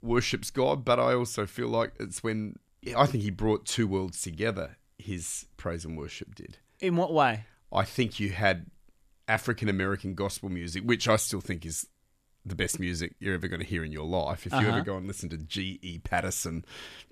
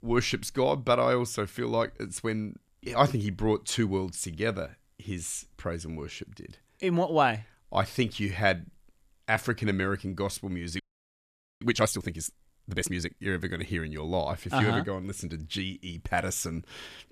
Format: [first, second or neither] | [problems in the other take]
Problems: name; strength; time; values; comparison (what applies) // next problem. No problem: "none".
first | audio freezing; at 11 s for 1 s